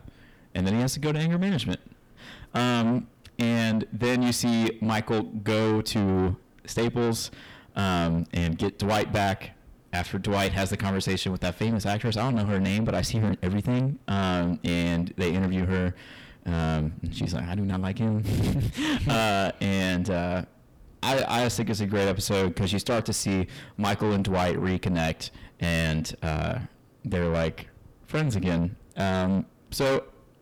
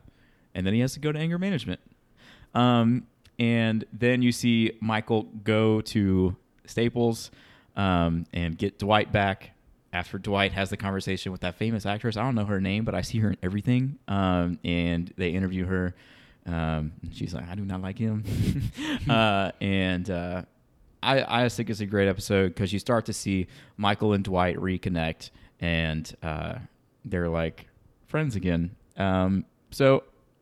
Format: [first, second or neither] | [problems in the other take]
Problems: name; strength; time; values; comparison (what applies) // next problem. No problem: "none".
second | distortion; heavy; 6 dB below the speech